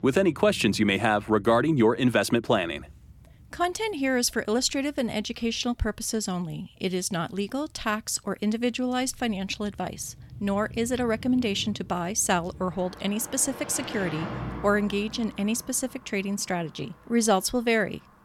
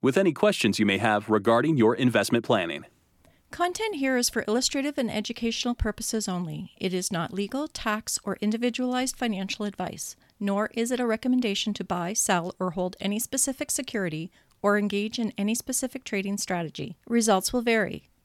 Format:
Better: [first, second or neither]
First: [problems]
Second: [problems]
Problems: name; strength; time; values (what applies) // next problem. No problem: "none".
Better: second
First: traffic noise; noticeable; throughout; 15 dB below the speech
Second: none